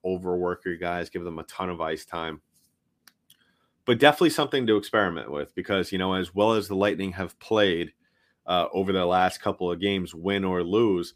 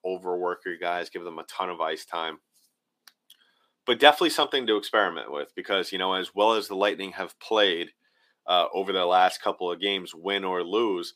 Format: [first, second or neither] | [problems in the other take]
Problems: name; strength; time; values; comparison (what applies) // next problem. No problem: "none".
first | thin; somewhat; fading below 350 Hz